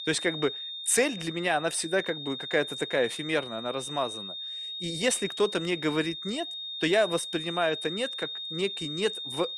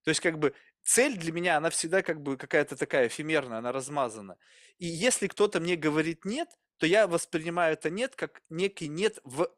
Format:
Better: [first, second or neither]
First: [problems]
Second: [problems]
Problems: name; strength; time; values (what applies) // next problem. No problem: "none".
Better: second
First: high-pitched whine; loud; throughout; 3.5 kHz, 6 dB below the speech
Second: none